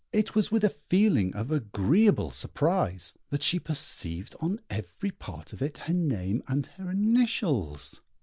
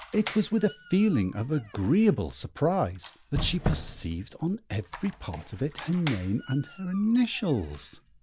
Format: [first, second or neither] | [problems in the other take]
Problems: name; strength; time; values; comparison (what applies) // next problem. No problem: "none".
first | background sound (Squeak); 11 dB below the speech